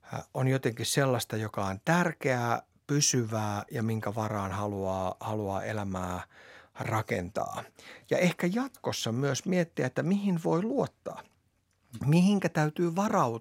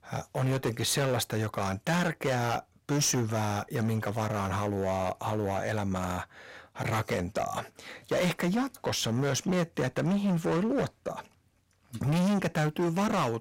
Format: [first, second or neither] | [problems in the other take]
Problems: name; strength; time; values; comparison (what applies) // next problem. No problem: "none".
first | distortion; heavy; 16% of the sound clipped